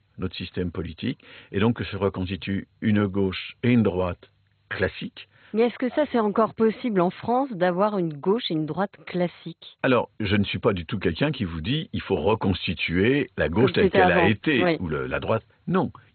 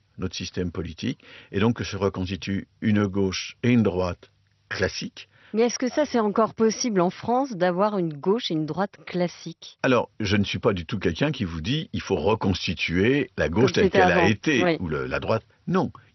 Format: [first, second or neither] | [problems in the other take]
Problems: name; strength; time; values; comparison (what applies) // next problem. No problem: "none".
second | garbled, watery; badly; nothing above 4 kHz; slightly in the second